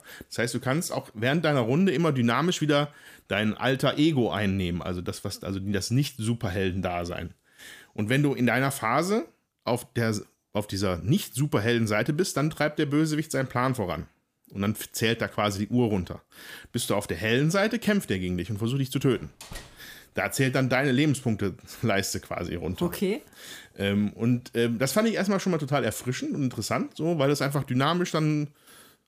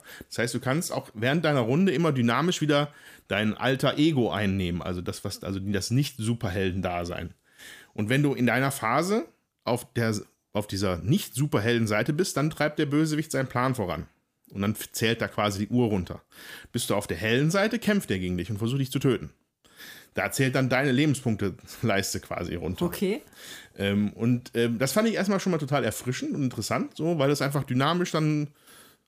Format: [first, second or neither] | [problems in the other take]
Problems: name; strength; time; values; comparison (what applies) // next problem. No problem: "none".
second | door banging; faint; at 19 s; peak 15 dB below the speech